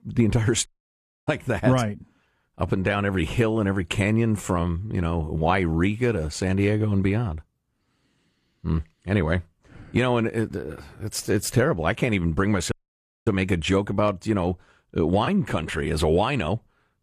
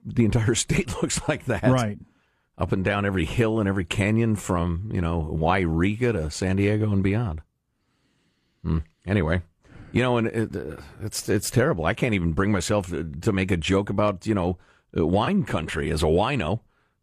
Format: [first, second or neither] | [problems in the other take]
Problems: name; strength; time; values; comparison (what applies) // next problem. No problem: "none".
second | audio cutting out; at 0.5 s for 0.5 s and at 13 s for 0.5 s